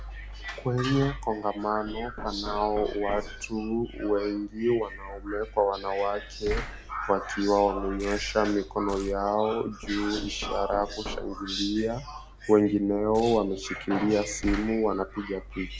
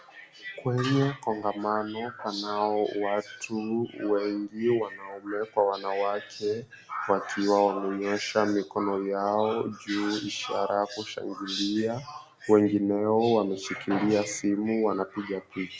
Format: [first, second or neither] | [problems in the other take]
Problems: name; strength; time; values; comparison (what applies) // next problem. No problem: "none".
second | background sound (Knock + Tearing); 12 dB below the speech